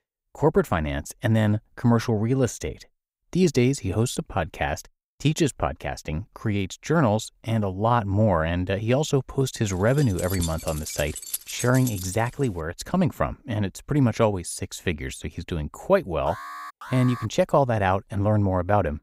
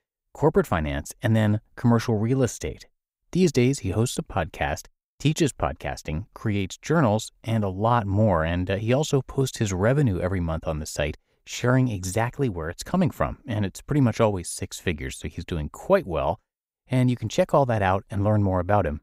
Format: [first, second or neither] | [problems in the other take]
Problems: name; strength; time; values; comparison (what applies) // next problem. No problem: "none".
second | jangling keys; noticeable; from 10 to 12 s; peak 6 dB below the speech // alarm; faint; from 16 to 17 s; peak 10 dB below the speech